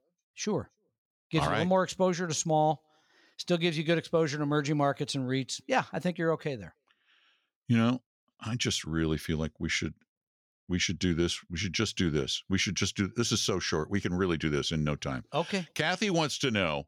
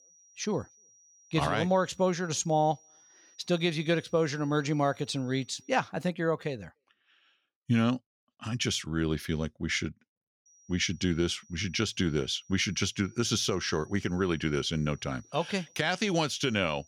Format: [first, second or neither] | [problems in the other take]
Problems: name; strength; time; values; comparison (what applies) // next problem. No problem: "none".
first | high-pitched whine; faint; until 6 s and from 10 s on; 6 kHz, 30 dB below the speech